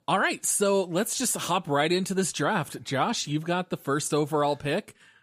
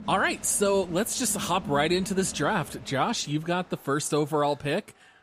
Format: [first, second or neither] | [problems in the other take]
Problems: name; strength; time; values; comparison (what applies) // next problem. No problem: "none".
first | crowd noise; noticeable; throughout; 15 dB below the speech